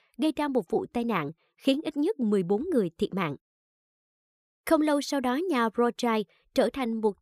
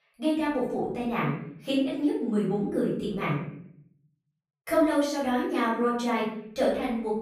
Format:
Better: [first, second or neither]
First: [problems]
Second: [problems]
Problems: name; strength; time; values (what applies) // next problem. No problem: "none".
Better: first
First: none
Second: off-mic speech; far // room echo; noticeable; dies away in 0.7 s